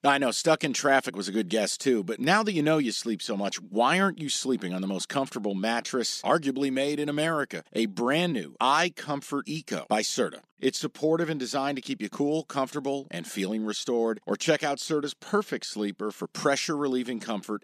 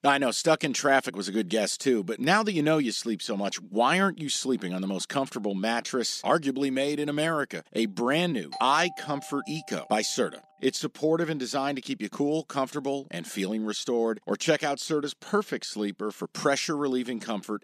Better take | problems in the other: first | doorbell; faint; from 8.5 to 10 s; peak 10 dB below the speech

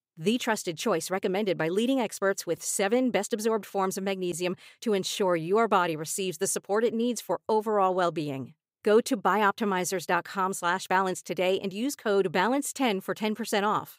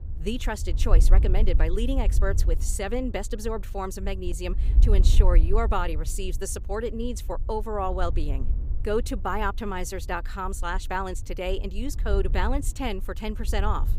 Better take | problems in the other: first | wind noise on the microphone; occasional gusts; 15 dB below the speech

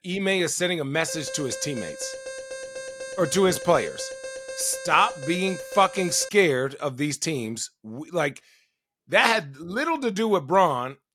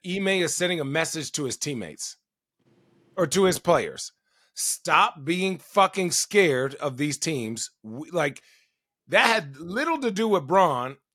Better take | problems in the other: second | alarm; faint; from 1 to 6.5 s; peak 10 dB below the speech

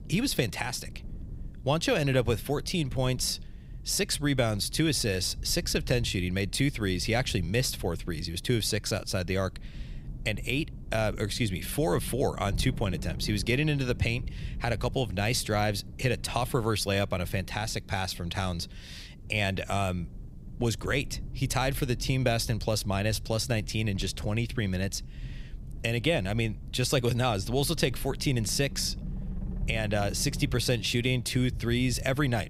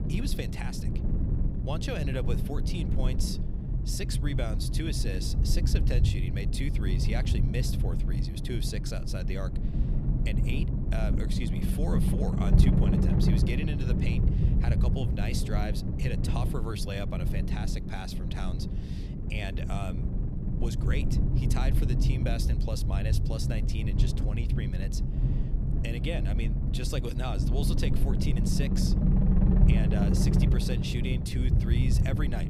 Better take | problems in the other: first | low rumble; loud; throughout; 1 dB below the speech; faint in the first

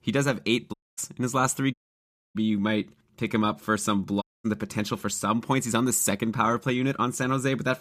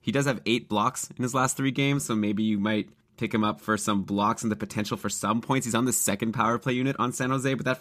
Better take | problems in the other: second | audio cutting out; at 0.5 s, at 1.5 s for 0.5 s and at 4 s

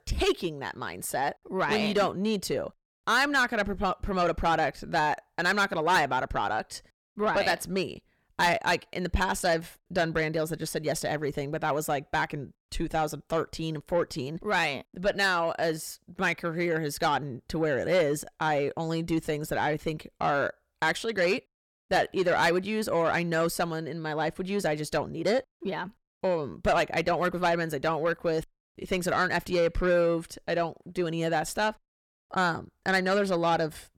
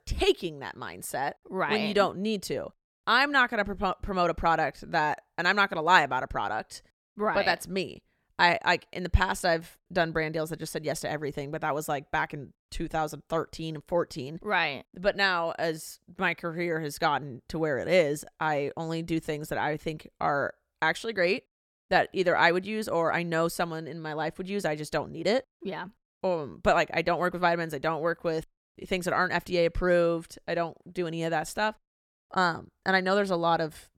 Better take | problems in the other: second | distortion; slight; 10 dB below the speech

